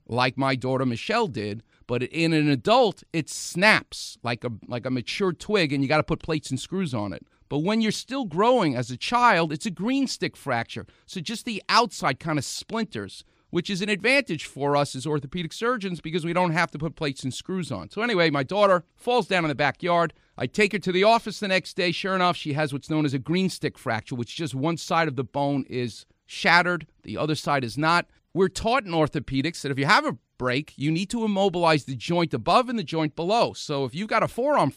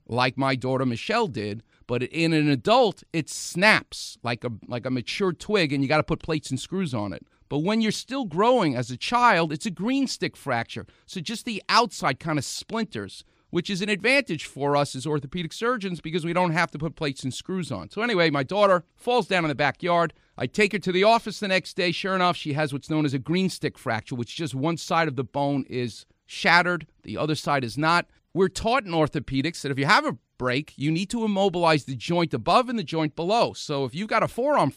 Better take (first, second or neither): neither